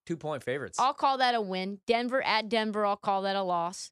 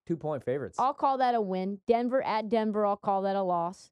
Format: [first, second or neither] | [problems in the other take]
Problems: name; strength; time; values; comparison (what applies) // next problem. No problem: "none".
first | muffled; slightly; fading above 1.5 kHz